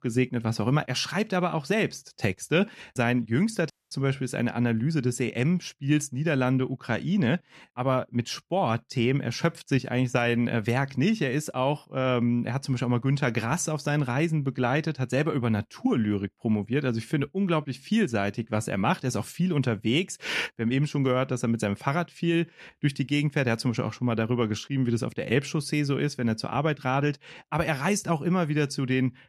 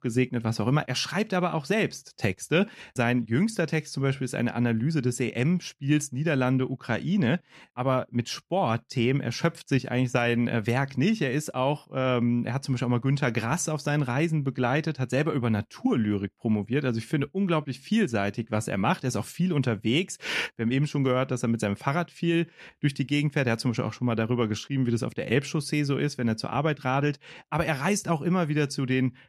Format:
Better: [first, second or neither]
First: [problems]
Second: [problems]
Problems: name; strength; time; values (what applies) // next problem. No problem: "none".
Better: second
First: audio cutting out; at 3.5 s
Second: none